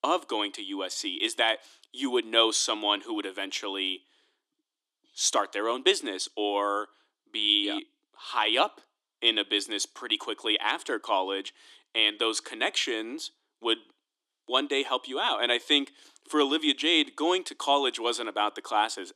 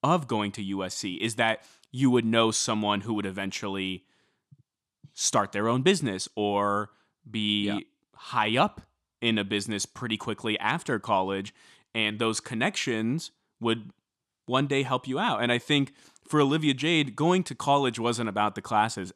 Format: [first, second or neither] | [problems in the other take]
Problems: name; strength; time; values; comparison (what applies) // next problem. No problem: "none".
second | thin; somewhat; fading below 300 Hz